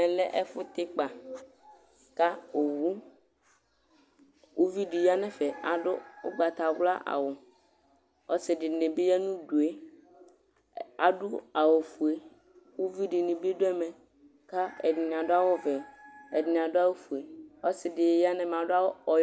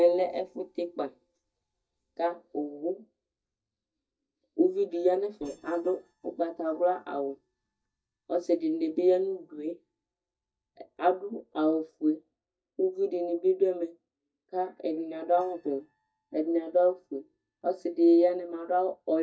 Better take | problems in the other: first | noise reduction (neural mask model DeepFilterNet 3)

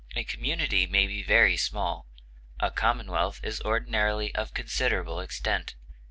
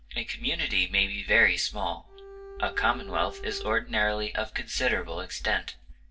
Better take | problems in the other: first | background sound (Bowed string instrument); 15 dB below the speech // room echo; dies away in 0.2 s

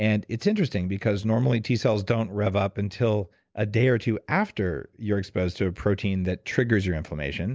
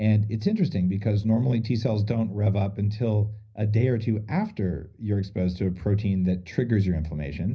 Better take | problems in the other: first | room echo; dies away in 0.5 s

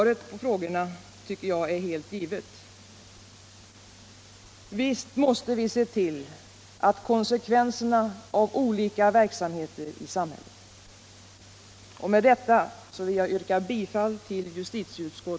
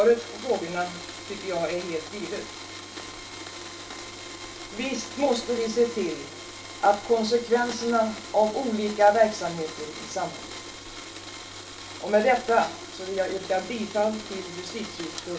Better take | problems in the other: first | background sound (Domestic sounds, home sounds); 12 dB below the speech // room echo; dies away in 0.2 s

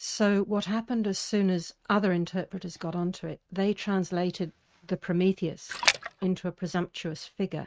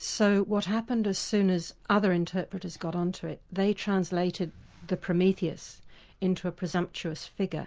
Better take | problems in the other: second | noise reduction (neural mask model RNNoise)

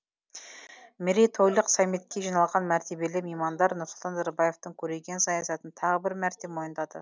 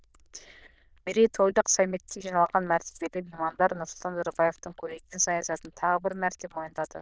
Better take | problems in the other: first | noise reduction (neural diffusion model UNIVERSE++)

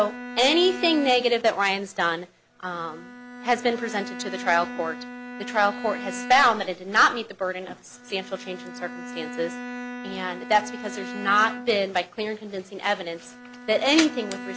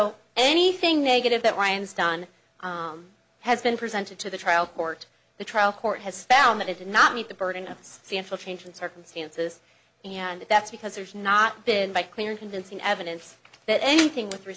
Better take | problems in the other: second | background sound (Bowed string instrument); 12 dB below the speech

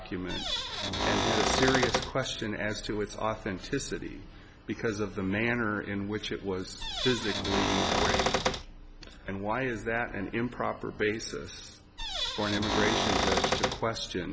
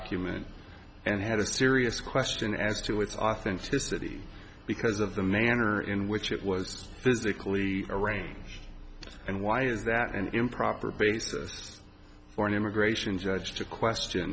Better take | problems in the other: second | background sound (Cupboard open or close / Door); 3 dB above the speech

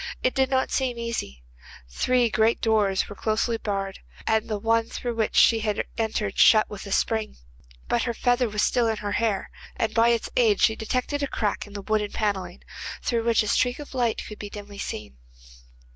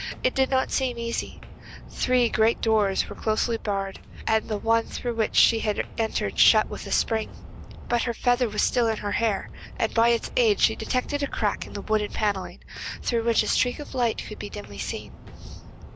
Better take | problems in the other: first | background sound (Walk, footsteps); 15 dB below the speech

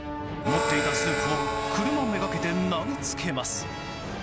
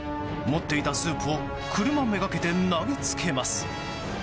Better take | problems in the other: second | background sound (Harmonica); 1 dB below the speech

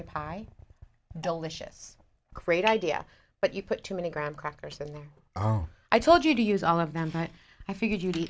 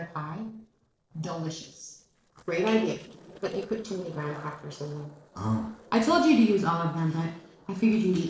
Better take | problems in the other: first | noise reduction (neural separator model SepFormer DNS4)

